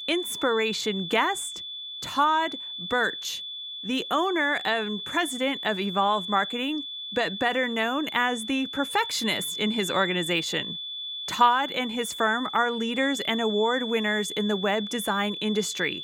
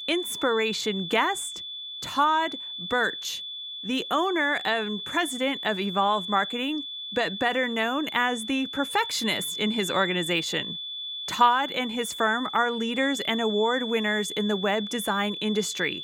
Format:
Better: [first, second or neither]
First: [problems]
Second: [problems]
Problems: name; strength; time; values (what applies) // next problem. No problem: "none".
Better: neither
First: high-pitched whine; loud; throughout; 3.5 kHz, 7 dB below the speech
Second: high-pitched whine; loud; throughout; 3.5 kHz, 7 dB below the speech